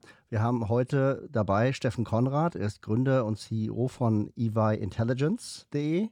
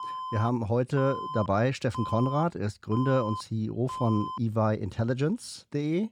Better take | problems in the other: first | alarm; noticeable; until 4.5 s; peak 7 dB below the speech

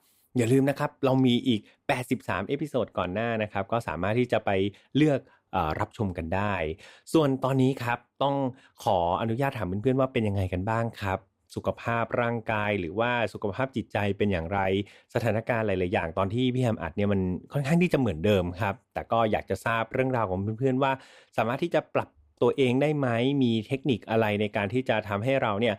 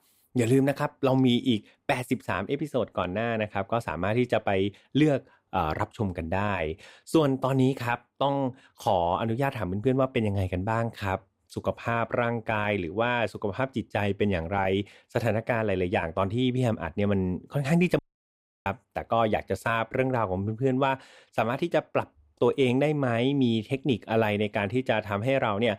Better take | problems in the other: first | audio cutting out; at 18 s for 0.5 s

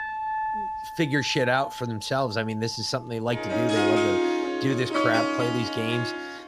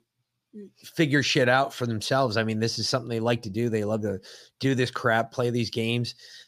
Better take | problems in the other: second | background music; very loud; throughout; as loud as the speech

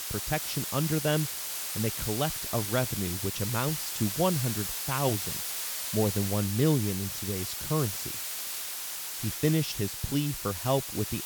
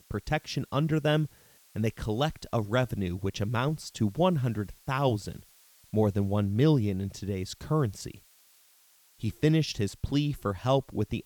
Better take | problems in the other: second | hiss; loud; throughout; 2 dB below the speech; faint in the second

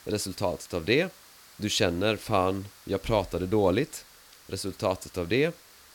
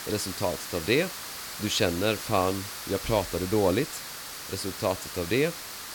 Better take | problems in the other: first | hiss; loud; throughout; 8 dB below the speech; faint in the first

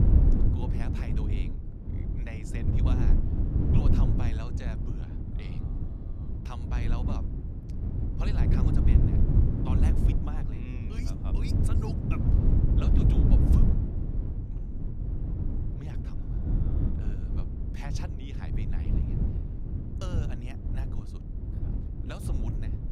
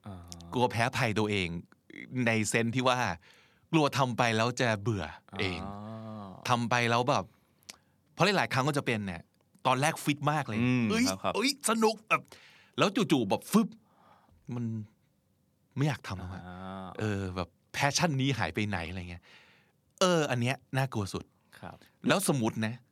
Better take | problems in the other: second | wind noise on the microphone; heavy; 4 dB above the speech

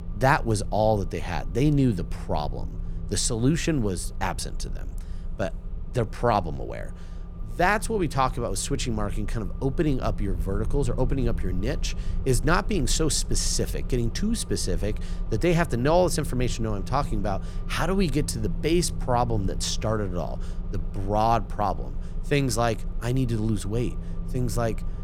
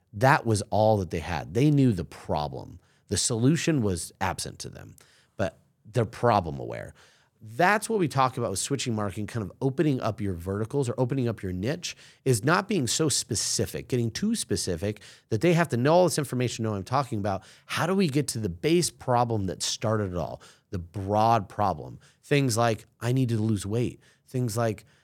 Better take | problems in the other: second | low rumble; faint; throughout; 20 dB below the speech

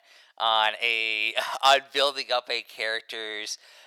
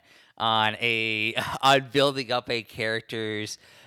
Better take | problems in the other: second | thin; very; fading below 700 Hz

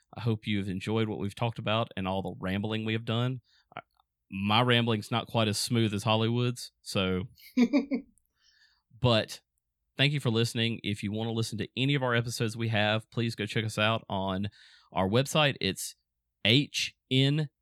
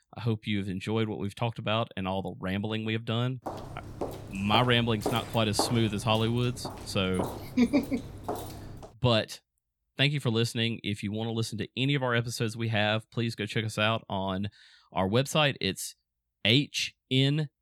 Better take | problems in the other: first | footsteps; noticeable; from 3.5 to 9 s; peak 5 dB below the speech

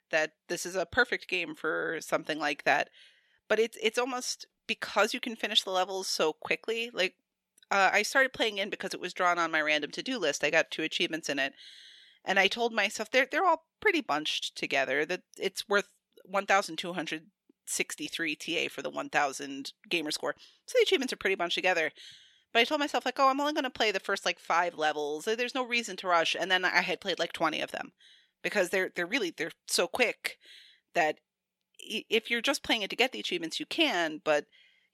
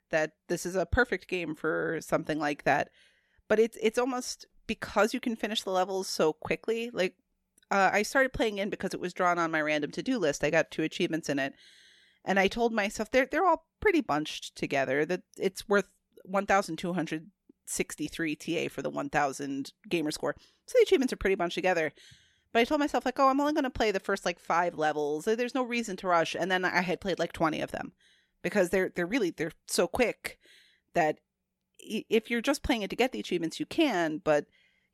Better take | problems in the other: second | thin; very slightly; fading below 900 Hz

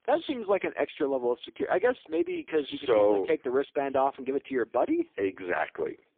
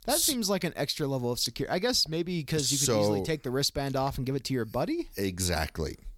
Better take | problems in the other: second | phone-call audio; poor line

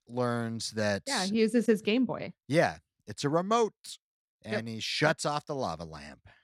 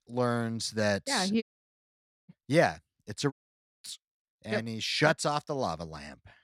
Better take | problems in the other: first | audio cutting out; at 1.5 s for 1 s and at 3.5 s

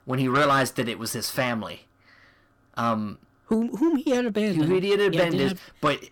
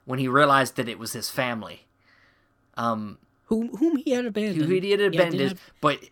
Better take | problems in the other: second | distortion; slight; 10 dB below the speech

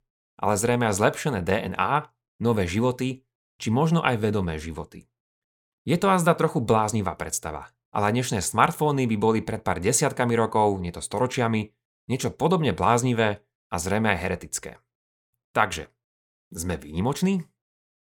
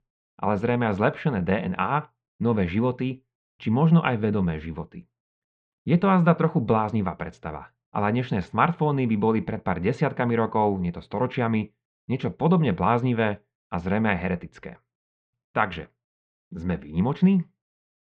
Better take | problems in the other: first | muffled; very; fading above 3 kHz

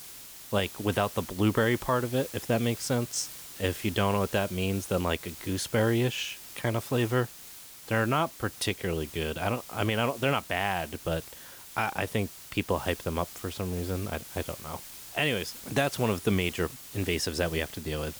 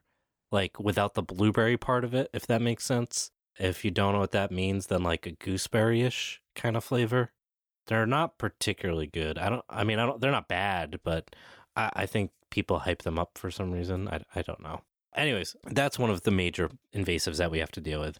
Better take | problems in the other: second | hiss; noticeable; throughout; 10 dB below the speech

